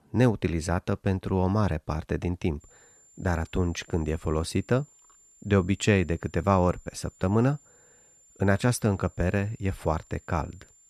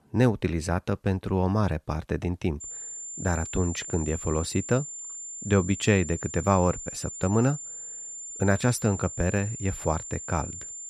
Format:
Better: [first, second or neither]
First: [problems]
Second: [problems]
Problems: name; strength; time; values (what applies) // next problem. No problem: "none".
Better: first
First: high-pitched whine; faint; from 2.5 s on; 7 kHz, 30 dB below the speech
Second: high-pitched whine; loud; from 2.5 s on; 7 kHz, 9 dB below the speech